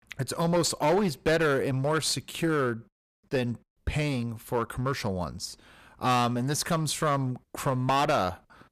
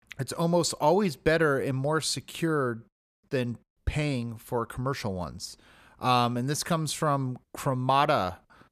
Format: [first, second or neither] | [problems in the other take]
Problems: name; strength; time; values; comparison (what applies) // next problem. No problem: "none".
second | distortion; slight; 9% of the sound clipped